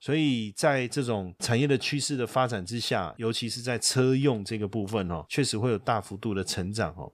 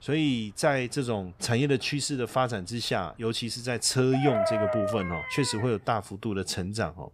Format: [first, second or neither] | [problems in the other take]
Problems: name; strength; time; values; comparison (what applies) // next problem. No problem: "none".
first | animal sounds; loud; throughout; 2 dB below the speech